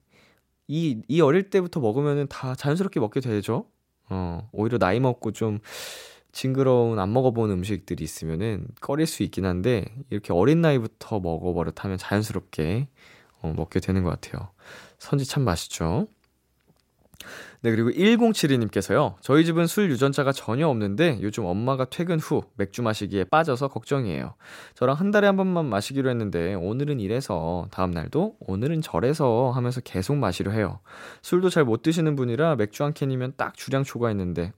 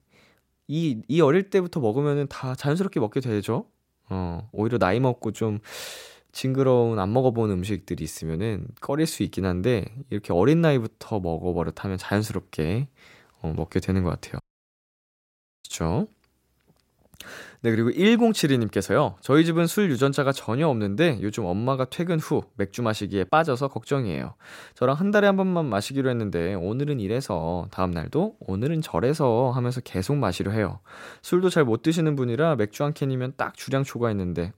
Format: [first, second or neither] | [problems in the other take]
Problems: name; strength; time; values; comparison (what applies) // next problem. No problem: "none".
first | audio cutting out; at 14 s for 1 s